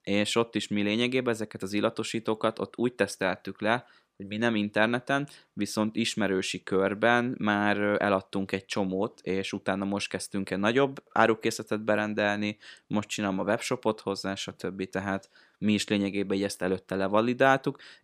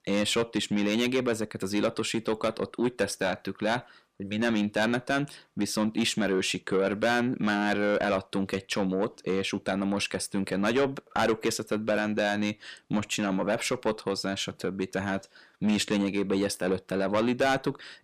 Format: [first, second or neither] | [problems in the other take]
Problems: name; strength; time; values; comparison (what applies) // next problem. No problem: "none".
first | distortion; heavy; 8 dB below the speech